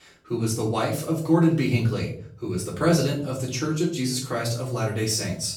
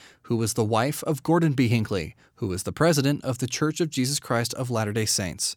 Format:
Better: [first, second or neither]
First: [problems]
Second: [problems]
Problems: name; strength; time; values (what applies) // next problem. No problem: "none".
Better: second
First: off-mic speech; far // room echo; slight; dies away in 0.5 s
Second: none